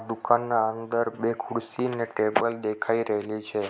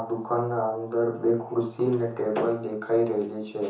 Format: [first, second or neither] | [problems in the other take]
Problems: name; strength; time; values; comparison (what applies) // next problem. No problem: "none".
first | room echo; dies away in 0.6 s